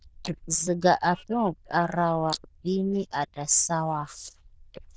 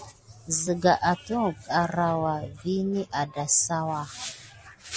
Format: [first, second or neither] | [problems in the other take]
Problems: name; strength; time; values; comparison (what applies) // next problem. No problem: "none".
second | noise reduction (neural diffusion model UNIVERSE++)